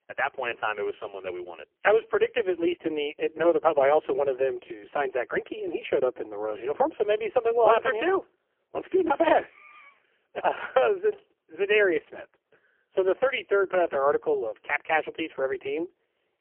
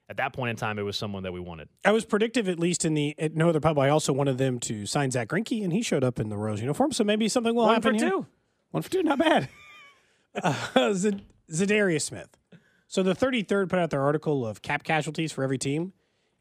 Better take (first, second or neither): second